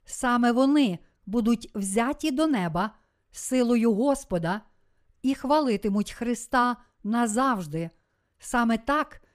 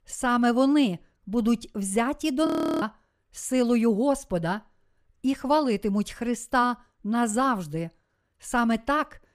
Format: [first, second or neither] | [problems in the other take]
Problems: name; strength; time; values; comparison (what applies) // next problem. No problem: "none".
first | audio freezing; at 2.5 s